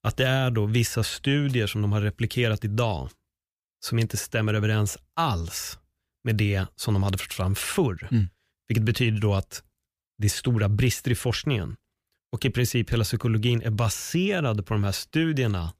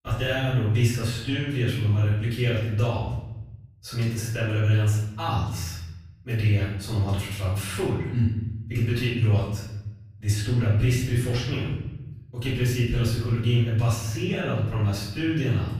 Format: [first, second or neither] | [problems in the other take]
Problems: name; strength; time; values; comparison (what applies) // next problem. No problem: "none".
first | off-mic speech; far // room echo; noticeable; dies away in 1 s